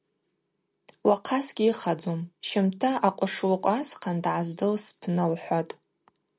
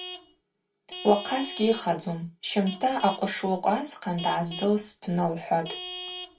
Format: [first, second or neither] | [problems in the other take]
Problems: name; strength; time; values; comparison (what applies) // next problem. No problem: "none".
first | background sound (Vehicle horn, car horn, honking / Truck); 14 dB below the speech // room echo; dies away in 0.2 s